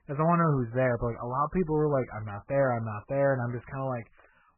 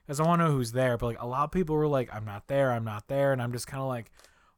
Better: second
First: garbled, watery; badly; nothing above 2.5 kHz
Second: none

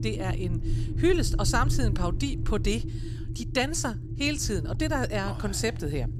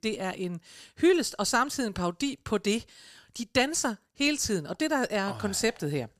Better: second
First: low rumble; noticeable; throughout; 15 dB below the speech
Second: none

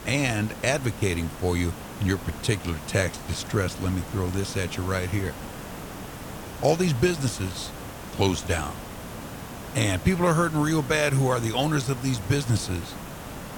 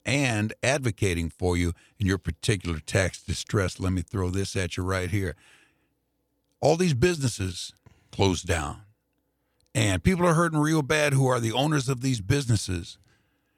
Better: second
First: hiss; noticeable; throughout; 10 dB below the speech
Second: none

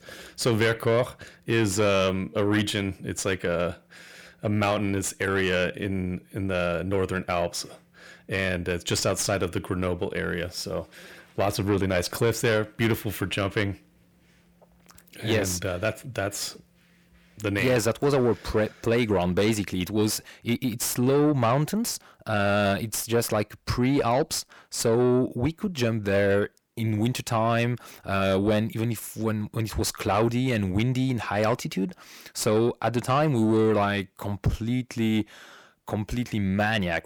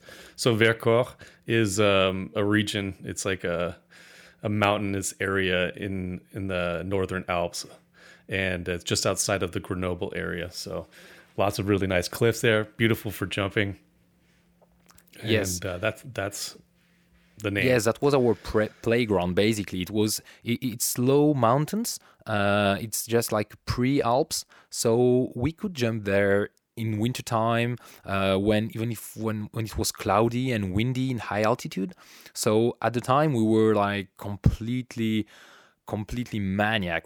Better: second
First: distortion; slight; 10 dB below the speech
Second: none

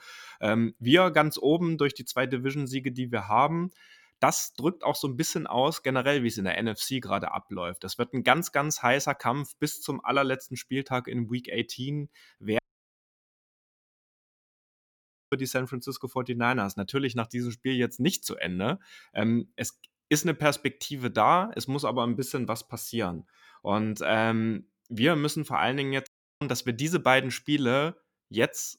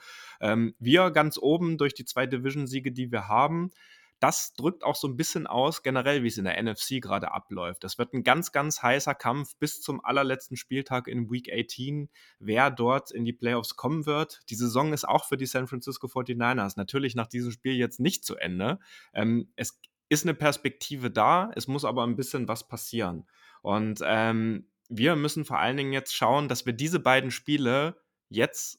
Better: second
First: audio cutting out; at 13 s for 2.5 s and at 26 s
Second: none

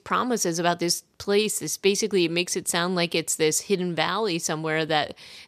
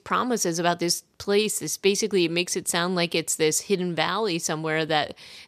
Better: neither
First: none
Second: none

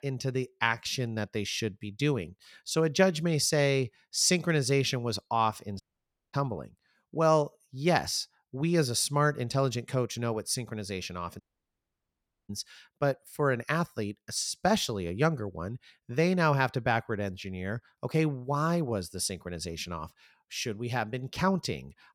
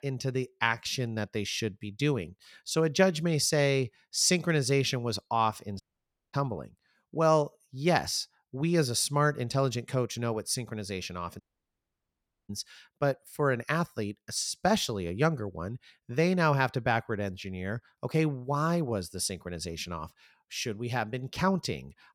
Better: neither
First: audio cutting out; at 6 s for 0.5 s and at 11 s for 1 s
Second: audio cutting out; at 6 s for 0.5 s and at 11 s for 1 s

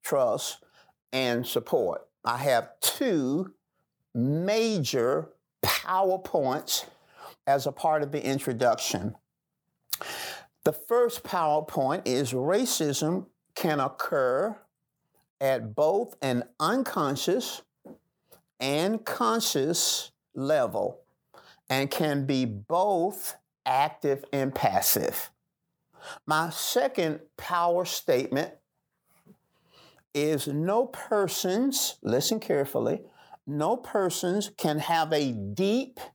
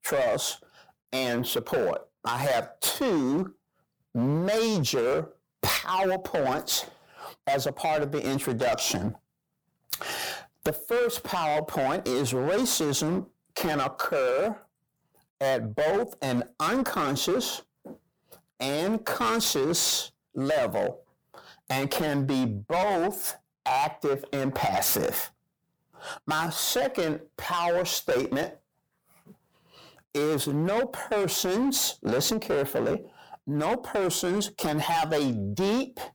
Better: first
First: none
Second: distortion; heavy; 14% of the sound clipped

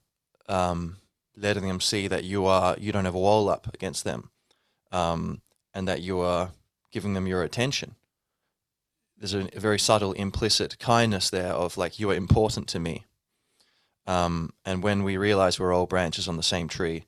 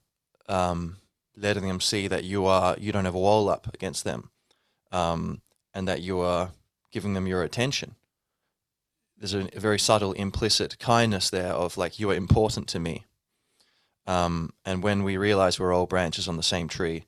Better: neither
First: none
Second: none

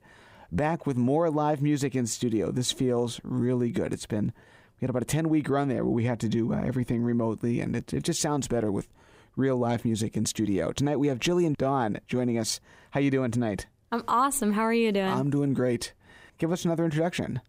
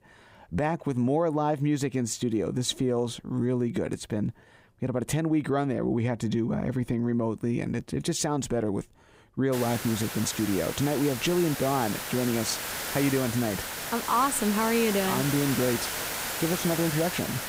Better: first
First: none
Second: hiss; loud; from 9.5 s on; 4 dB below the speech

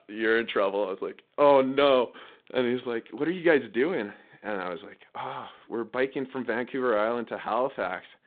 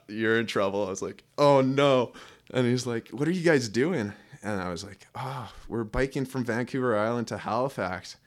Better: second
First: phone-call audio; nothing above 3.5 kHz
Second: none

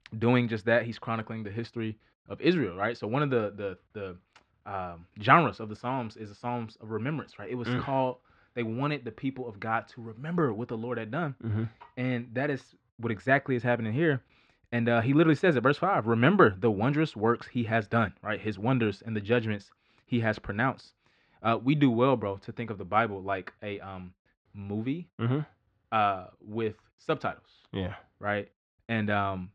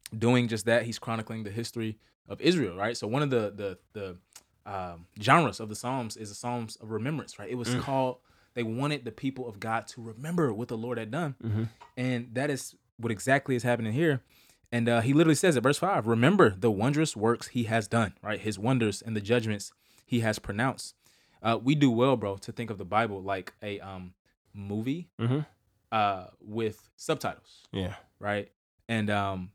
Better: second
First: muffled; slightly; fading above 3.5 kHz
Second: none

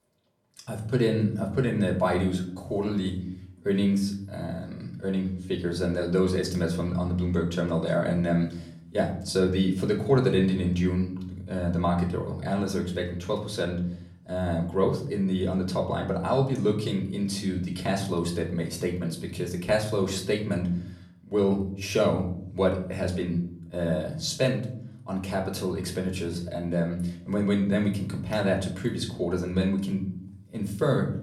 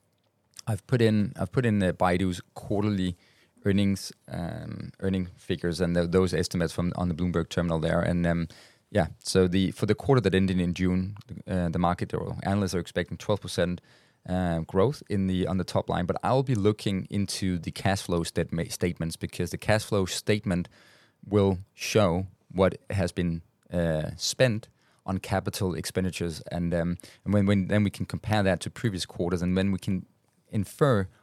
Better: second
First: off-mic speech; far // room echo; slight; dies away in 0.6 s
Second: none

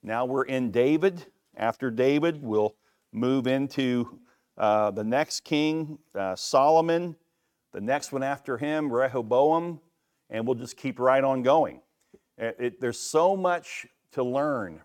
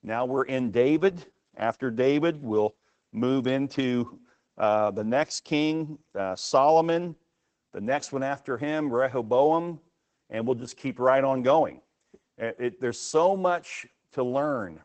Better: first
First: none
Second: garbled, watery; badly; nothing above 8 kHz

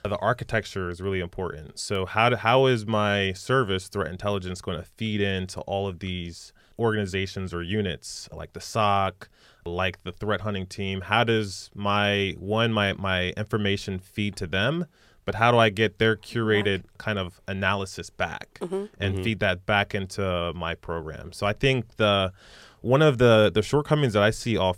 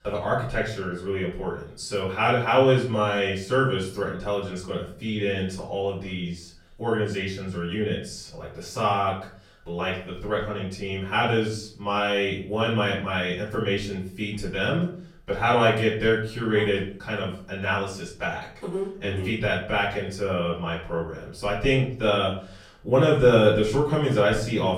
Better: first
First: none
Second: off-mic speech; far // room echo; noticeable; dies away in 0.4 s

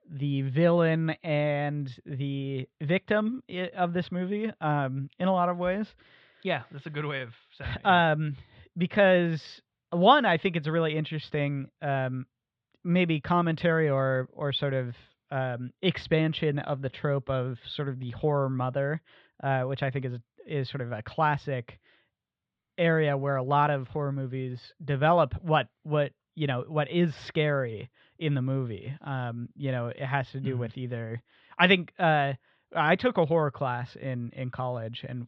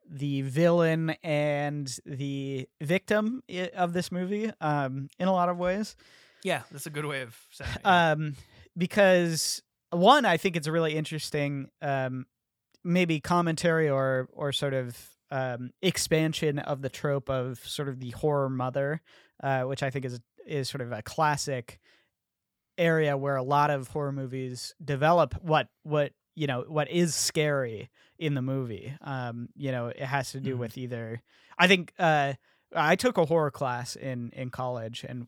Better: second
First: muffled; very; fading above 3.5 kHz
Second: none

